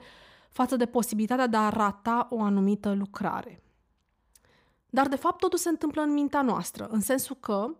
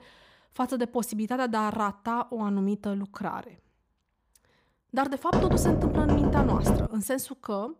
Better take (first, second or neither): first